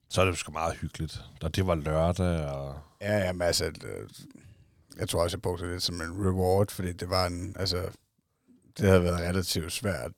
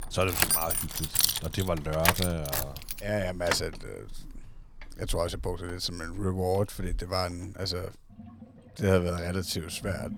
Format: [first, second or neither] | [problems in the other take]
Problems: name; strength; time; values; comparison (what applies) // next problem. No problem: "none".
first | household noises; very loud; throughout; 2 dB above the speech